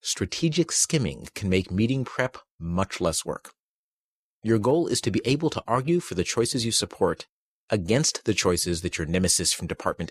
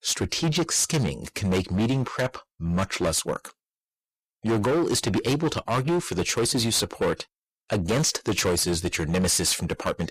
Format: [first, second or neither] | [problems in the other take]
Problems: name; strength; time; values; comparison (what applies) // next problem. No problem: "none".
first | distortion; heavy; 16% of the sound clipped